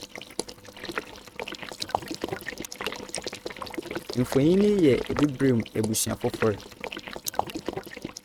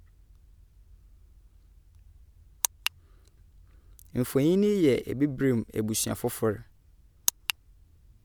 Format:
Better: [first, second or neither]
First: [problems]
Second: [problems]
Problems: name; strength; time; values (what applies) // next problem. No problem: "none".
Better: second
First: noise reduction (neural mask model RNNoise)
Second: none